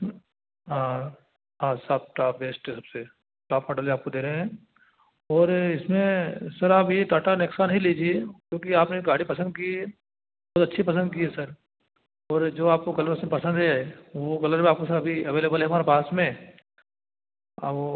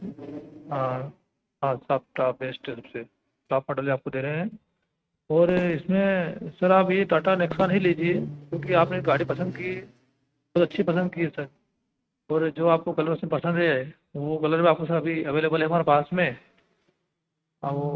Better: first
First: none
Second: noise reduction (neural mask model RNNoise)

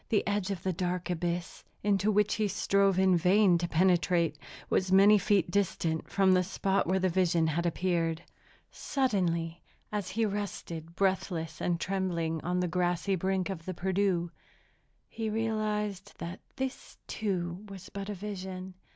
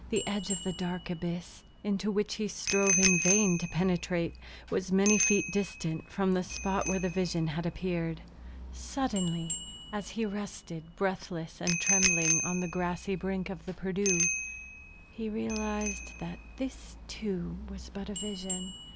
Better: first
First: none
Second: background sound (Bicycle bell); 3 dB below the speech

